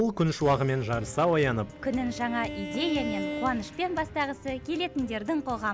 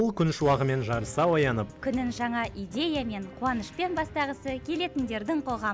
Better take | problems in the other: second | background sound (Bowed string instrument); 12 dB below the speech

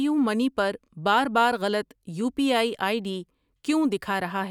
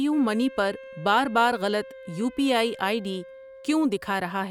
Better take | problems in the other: first | background sound (Wind instrument, woodwind instrument); 19 dB below the speech

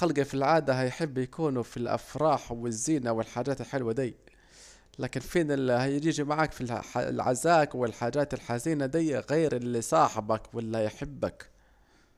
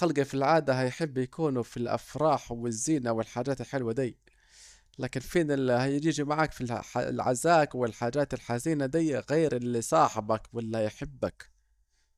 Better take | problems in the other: first | noise reduction (neural mask model DeepFilterNet 3)

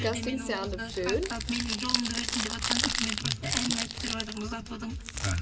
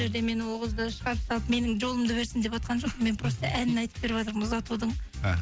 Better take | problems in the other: second | background sound (Crumpling, crinkling); 1 dB above the speech // room echo; dies away in 2.3 s

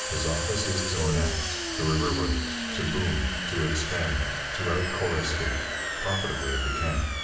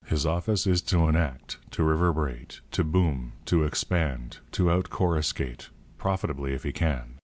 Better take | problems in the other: second | background sound (Domestic sounds, home sounds); 2 dB below the speech // room echo; dies away in 1 s

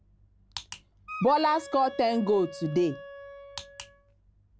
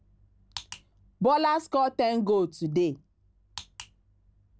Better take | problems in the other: second | background sound (Wind instrument, woodwind instrument); 15 dB below the speech

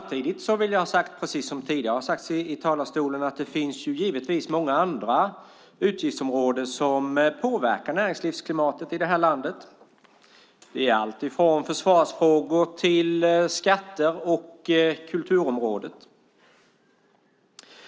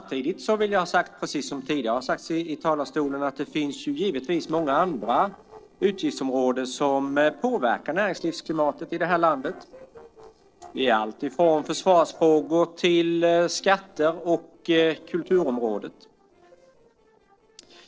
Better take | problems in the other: first | noise reduction (neural separator model SepFormer DNS4)

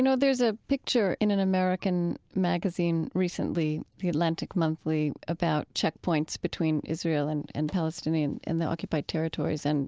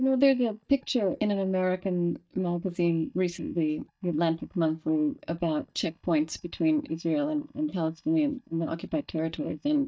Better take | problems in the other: first | noise reduction (neural mask model DeepFilterNet 3)

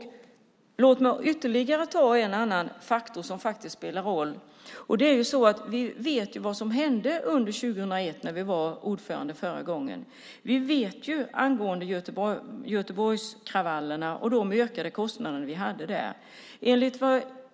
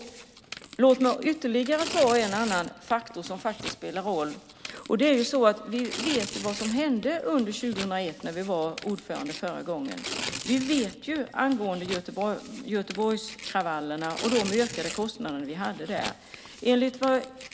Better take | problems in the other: first | background sound (Tearing); 12 dB below the speech

